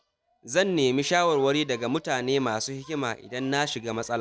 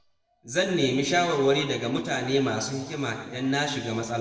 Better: first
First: none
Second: room echo; dies away in 1.2 s

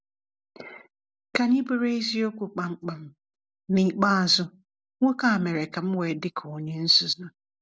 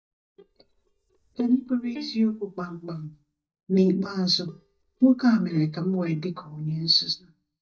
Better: first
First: none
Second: noise reduction (neural mask model DeepFilterNet 3)

